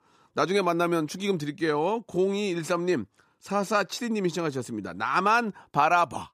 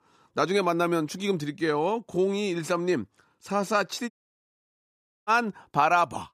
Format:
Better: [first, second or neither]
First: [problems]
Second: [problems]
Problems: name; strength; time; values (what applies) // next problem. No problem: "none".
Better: first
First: none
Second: audio cutting out; at 4 s for 1 s